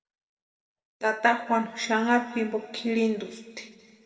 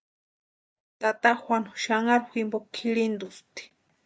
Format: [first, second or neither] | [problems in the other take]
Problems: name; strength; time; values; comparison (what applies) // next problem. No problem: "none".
second | room echo; dies away in 1.7 s